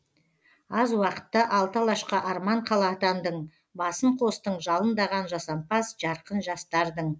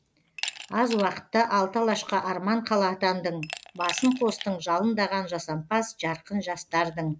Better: first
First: none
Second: background sound (Glass); 16 dB below the speech

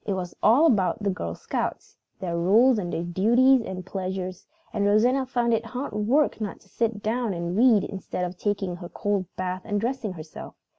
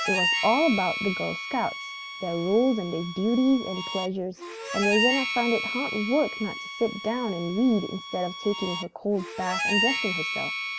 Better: first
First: none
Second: background sound (Harmonica); 4 dB below the speech

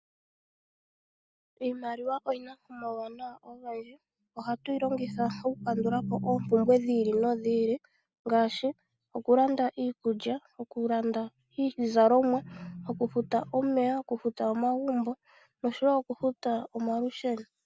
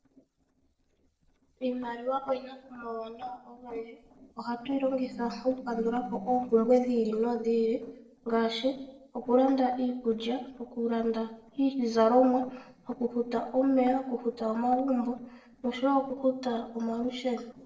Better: first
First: none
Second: noise reduction (neural separator model SepFormer DNS4)

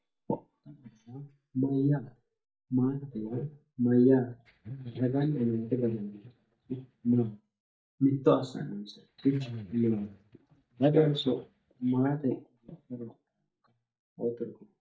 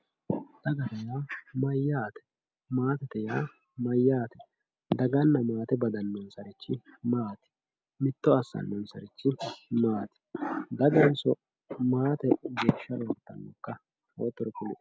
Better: second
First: noise reduction (neural mask model DeepFilterNet 3)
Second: none

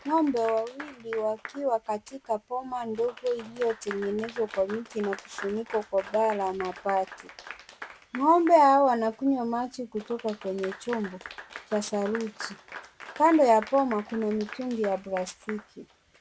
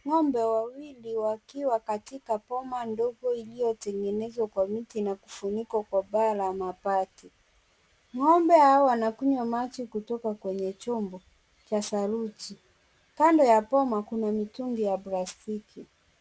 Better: second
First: background sound (Applause / Clapping); 17 dB below the speech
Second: none

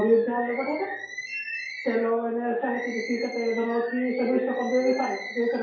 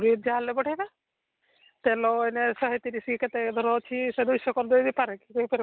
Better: second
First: background sound (Bird); 11 dB below the speech // room echo; dies away in 2.4 s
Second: none

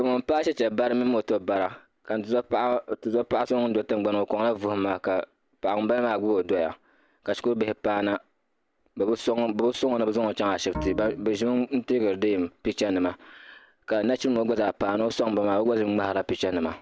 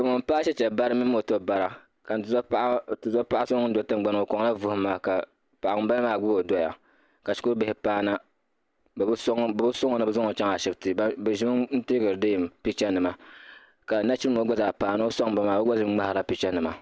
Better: second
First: background sound (Bowed string instrument); 12 dB below the speech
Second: none

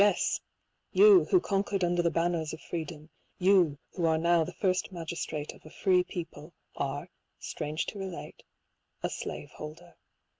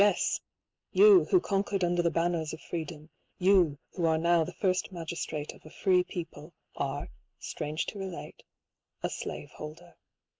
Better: first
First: none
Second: noise reduction (neural mask model Resemble Enhance denoiser)

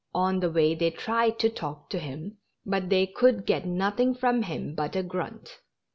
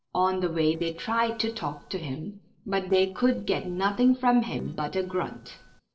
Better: first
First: none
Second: noise reduction (neural separator model SepFormer DNS4)

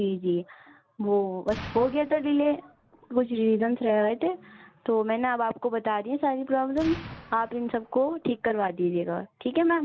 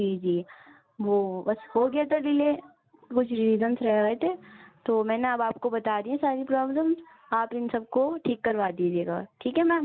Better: second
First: background sound (Explosion); 16 dB below the speech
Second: none

